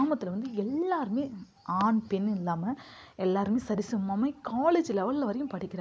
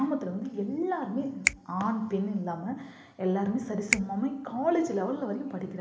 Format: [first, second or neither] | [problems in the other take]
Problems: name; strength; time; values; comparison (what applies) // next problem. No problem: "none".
first | background sound (Finger snapping); 6 dB below the speech // room echo; dies away in 1 s